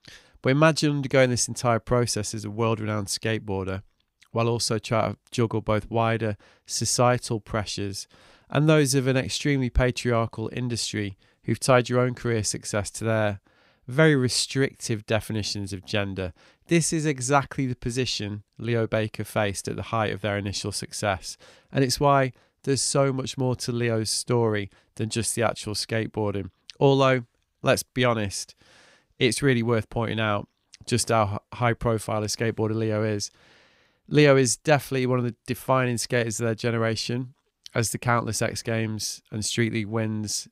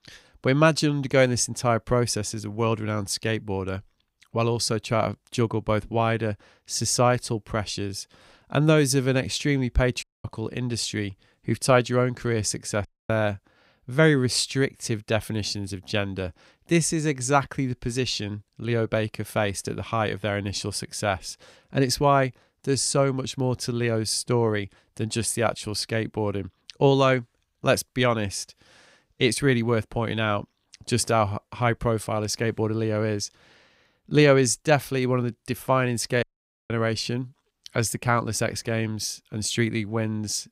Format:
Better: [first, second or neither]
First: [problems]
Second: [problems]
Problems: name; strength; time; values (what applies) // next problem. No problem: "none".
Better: first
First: none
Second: audio cutting out; at 10 s, at 13 s and at 36 s